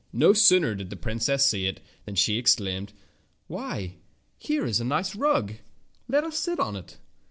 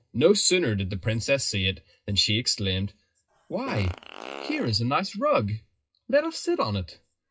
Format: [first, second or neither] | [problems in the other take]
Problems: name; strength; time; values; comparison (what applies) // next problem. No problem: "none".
first | noise reduction (classical method WPE with log-MMSE)